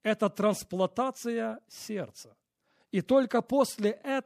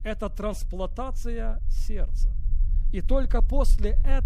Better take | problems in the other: first | low rumble; faint; throughout; 20 dB below the speech

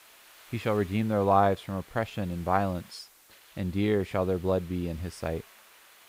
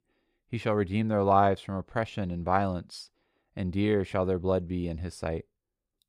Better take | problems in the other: second | hiss; faint; throughout; 25 dB below the speech

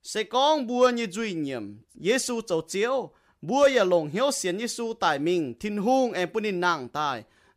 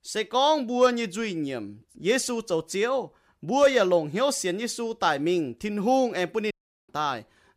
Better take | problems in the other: first | audio cutting out; at 6.5 s

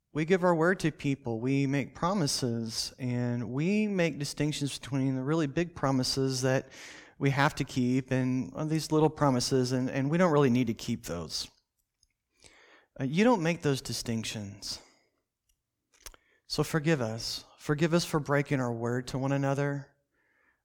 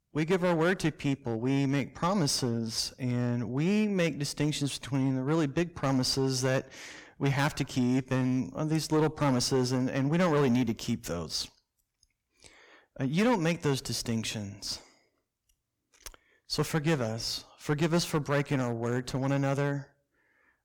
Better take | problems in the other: first | distortion; slight; 5% of the sound clipped

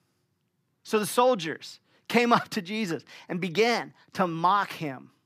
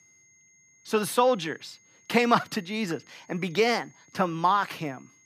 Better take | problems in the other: first | high-pitched whine; faint; throughout; 2 kHz, 30 dB below the speech

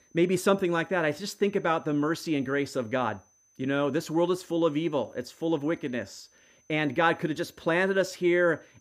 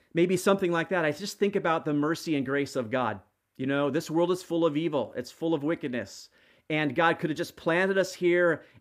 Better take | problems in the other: second | high-pitched whine; faint; throughout; 6 kHz, 35 dB below the speech

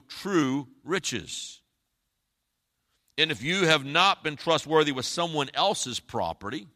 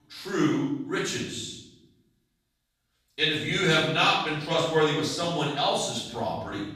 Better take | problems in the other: first | off-mic speech; far // room echo; noticeable; dies away in 0.8 s

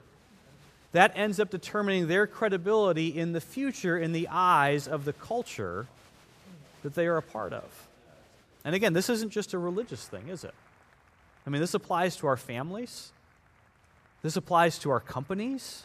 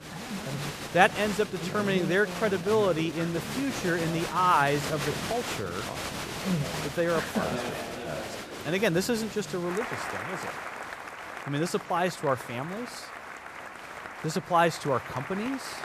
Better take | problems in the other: first | crowd noise; loud; throughout; 7 dB below the speech; faint in the first

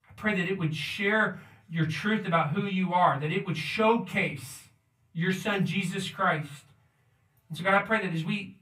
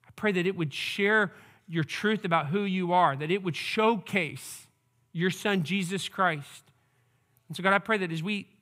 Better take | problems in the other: second | off-mic speech; far // room echo; very slight; dies away in 0.2 s

